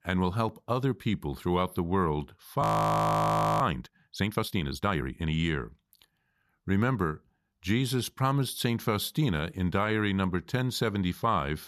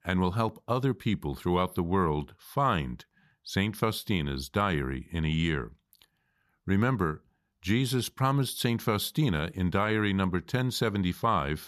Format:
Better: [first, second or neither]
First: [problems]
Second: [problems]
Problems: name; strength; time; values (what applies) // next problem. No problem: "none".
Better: second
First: audio freezing; at 2.5 s for 1 s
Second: none